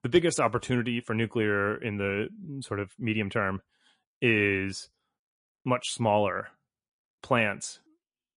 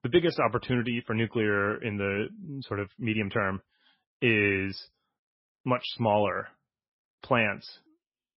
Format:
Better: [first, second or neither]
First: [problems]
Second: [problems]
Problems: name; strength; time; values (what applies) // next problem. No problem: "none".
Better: first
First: garbled, watery; slightly; nothing above 10.5 kHz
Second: garbled, watery; badly; nothing above 5.5 kHz